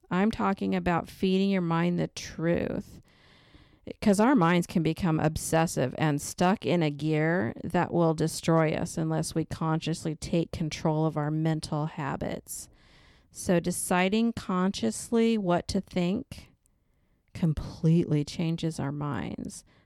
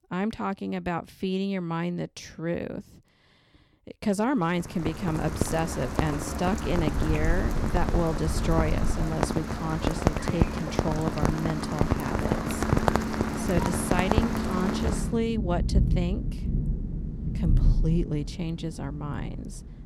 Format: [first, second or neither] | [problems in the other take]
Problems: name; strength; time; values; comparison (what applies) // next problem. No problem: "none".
first | rain or running water; very loud; from 5 s on; 2 dB above the speech